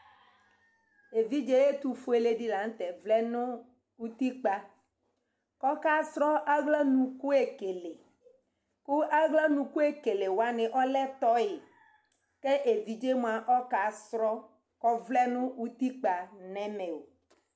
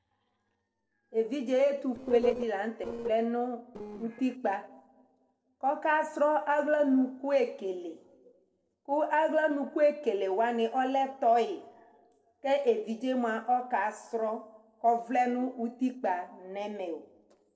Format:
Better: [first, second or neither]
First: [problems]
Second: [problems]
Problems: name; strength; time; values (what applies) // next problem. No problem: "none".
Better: first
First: none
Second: noise reduction (neural separator model SepFormer DNS4)